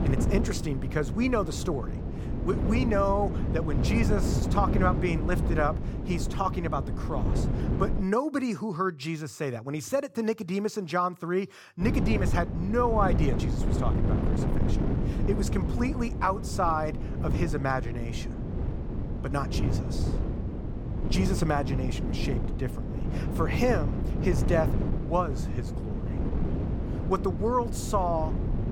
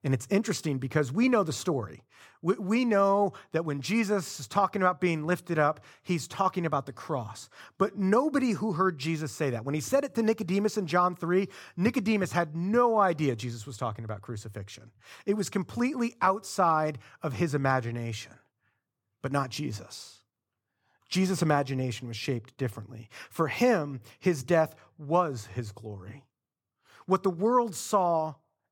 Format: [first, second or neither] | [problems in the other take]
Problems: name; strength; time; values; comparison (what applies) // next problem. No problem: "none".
second | wind noise on the microphone; heavy; until 8 s and from 12 s on; 8 dB below the speech